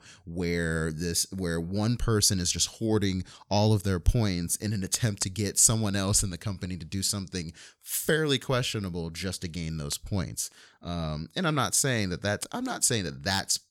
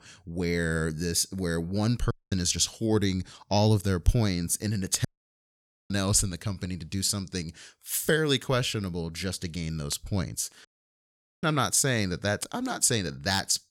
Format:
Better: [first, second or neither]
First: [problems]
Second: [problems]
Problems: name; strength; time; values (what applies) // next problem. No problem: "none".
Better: first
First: none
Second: audio cutting out; at 2 s, at 5 s for 1 s and at 11 s for 1 s